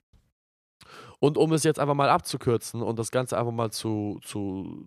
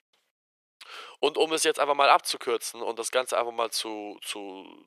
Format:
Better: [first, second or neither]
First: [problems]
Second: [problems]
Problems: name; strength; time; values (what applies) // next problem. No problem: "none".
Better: first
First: none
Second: thin; very; fading below 500 Hz